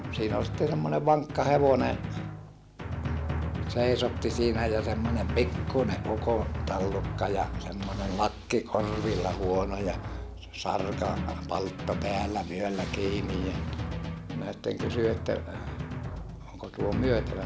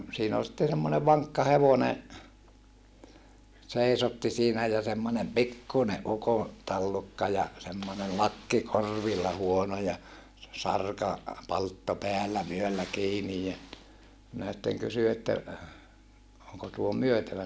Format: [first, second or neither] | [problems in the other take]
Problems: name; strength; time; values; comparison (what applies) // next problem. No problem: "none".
second | background sound (Drum); 4 dB below the speech